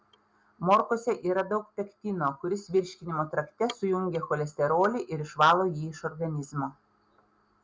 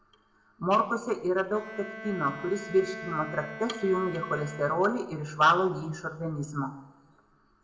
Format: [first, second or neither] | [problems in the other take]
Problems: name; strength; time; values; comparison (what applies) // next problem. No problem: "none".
first | background sound (Bowed string instrument); 15 dB below the speech // room echo; dies away in 0.8 s